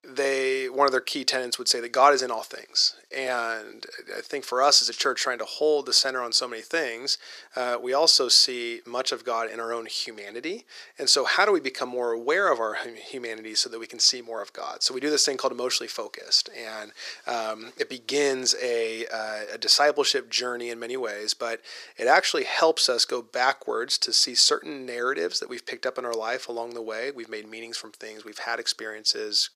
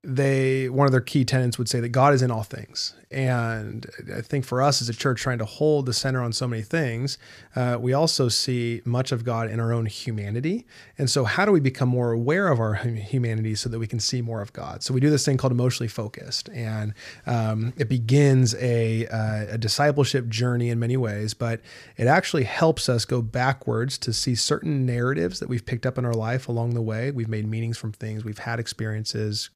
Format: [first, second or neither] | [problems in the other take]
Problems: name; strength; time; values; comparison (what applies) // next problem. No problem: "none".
second | thin; very; fading below 350 Hz